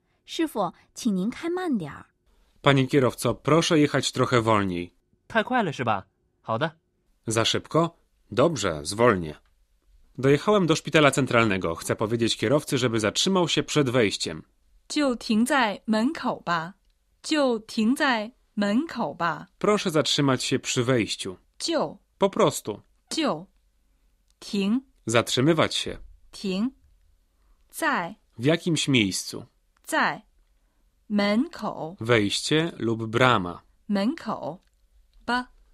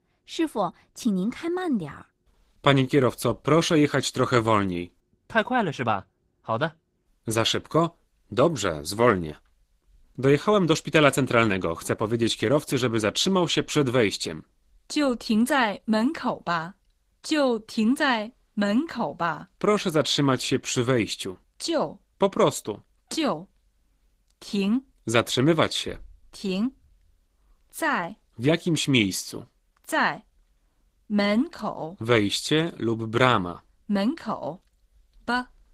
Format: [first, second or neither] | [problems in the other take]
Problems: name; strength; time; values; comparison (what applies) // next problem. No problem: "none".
first | garbled, watery; slightly; nothing above 15.5 kHz